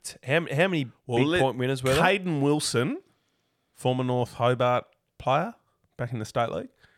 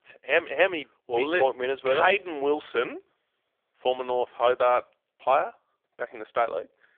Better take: first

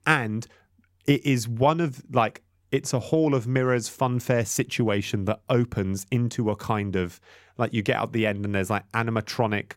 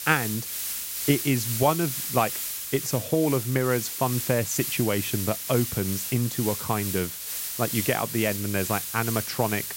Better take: first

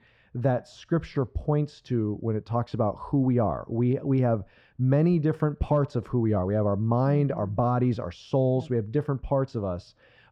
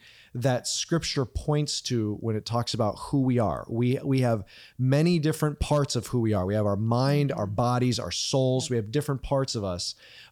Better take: second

